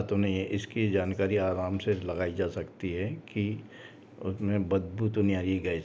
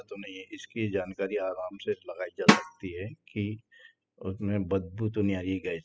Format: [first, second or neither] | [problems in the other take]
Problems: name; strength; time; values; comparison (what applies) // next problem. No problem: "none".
first | noise reduction (classical method spectral subtraction)